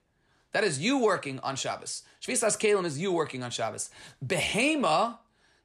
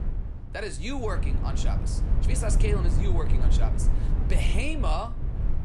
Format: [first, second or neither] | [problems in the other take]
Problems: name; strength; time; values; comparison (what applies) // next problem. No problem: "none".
first | low rumble; loud; throughout; 7 dB below the speech